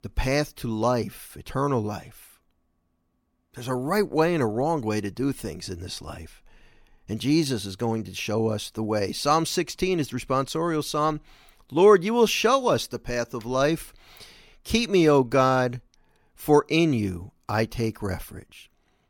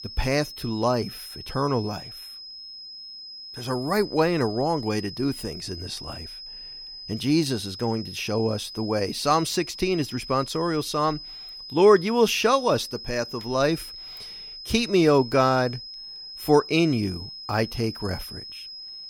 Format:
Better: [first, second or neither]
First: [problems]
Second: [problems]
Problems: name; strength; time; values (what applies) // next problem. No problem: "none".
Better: first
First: none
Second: high-pitched whine; noticeable; throughout; 5 kHz, 15 dB below the speech